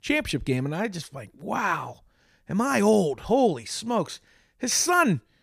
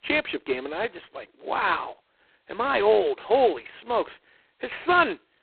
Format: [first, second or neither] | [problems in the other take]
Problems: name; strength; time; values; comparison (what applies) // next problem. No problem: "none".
first | phone-call audio; poor line; nothing above 4 kHz